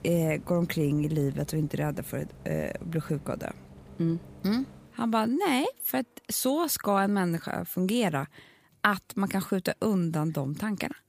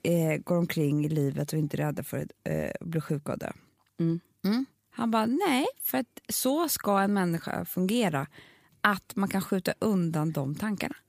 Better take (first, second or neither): second